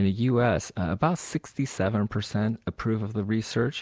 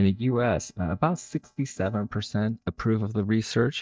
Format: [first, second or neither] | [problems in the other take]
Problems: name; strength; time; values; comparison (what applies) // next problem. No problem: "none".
first | noise reduction (neural mask model DeepFilterNet 3)